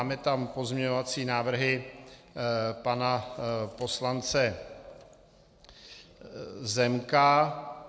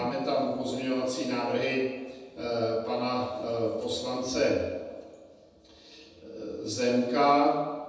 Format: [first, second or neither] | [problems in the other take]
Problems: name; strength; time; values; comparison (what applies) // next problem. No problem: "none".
first | room echo; dies away in 1.1 s